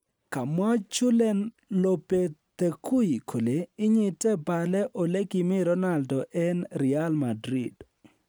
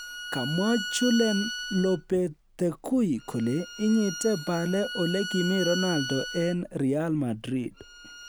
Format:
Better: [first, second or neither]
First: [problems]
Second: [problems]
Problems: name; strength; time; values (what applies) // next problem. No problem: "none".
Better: first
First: none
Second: background sound (Bowed string instrument); 10 dB below the speech